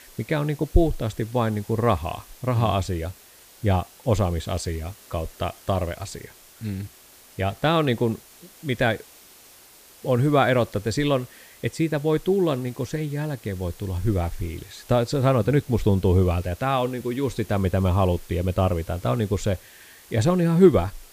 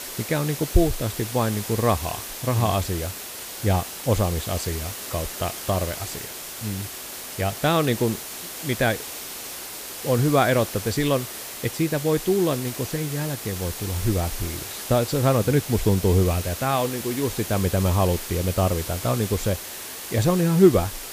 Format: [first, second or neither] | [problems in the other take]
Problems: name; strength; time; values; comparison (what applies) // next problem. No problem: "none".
first | hiss; loud; throughout; 8 dB below the speech; faint in the first